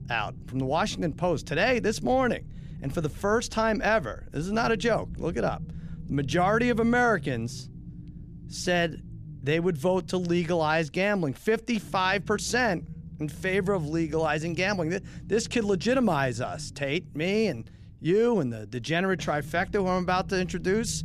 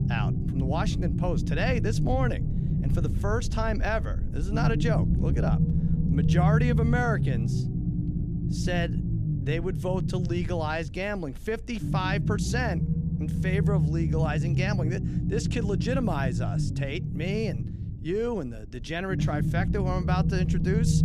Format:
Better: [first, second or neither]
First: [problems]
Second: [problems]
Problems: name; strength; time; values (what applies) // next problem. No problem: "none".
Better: first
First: low rumble; faint; throughout; 25 dB below the speech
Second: low rumble; loud; throughout; 6 dB below the speech